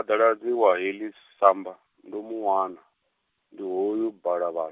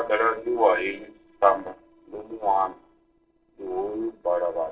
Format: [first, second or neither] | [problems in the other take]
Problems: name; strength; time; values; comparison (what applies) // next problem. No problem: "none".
first | noise reduction (neural separator model SepFormer DNS4)